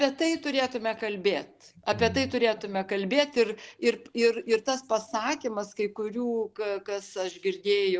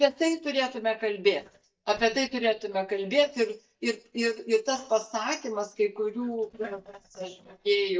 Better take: first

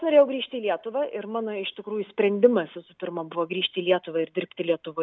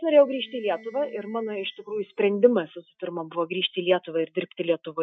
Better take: first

